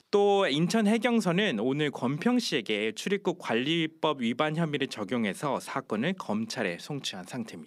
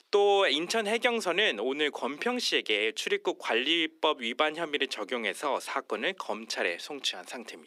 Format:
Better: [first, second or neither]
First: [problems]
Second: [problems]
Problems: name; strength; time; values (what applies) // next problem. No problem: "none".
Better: first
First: none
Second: thin; somewhat; fading below 300 Hz